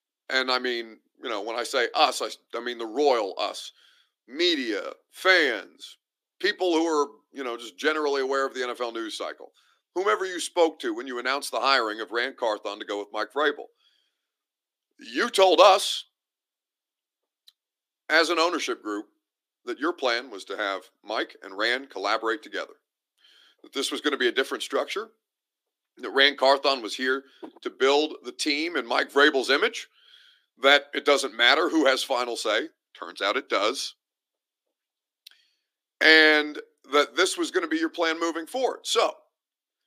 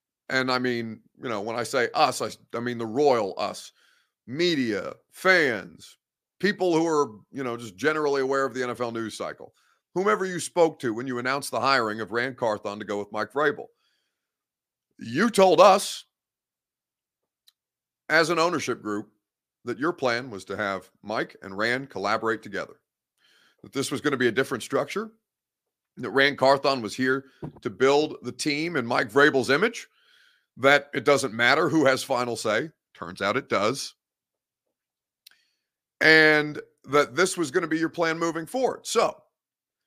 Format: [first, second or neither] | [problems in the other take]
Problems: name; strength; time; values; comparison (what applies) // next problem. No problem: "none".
second | thin; very slightly; fading below 300 Hz